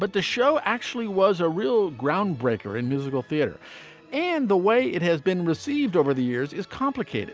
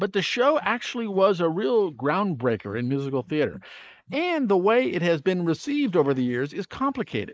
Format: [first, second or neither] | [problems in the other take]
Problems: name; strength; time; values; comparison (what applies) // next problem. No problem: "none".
first | noise reduction (neural mask model Resemble Enhance denoiser)